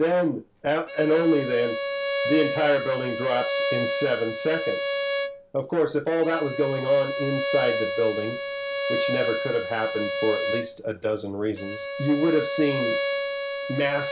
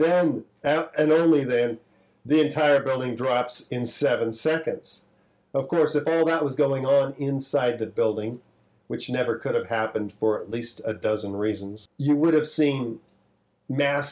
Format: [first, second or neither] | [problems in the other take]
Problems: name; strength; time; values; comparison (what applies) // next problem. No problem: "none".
second | background sound (Bowed string instrument); 3 dB below the speech